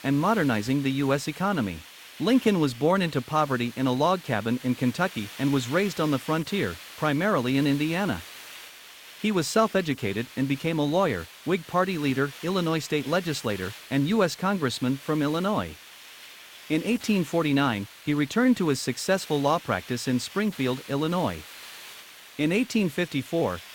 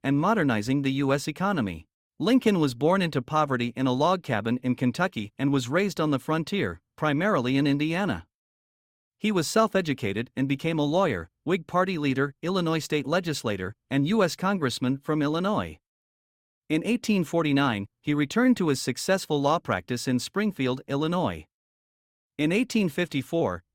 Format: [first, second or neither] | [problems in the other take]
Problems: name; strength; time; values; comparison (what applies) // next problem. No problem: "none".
second | hiss; noticeable; throughout; 15 dB below the speech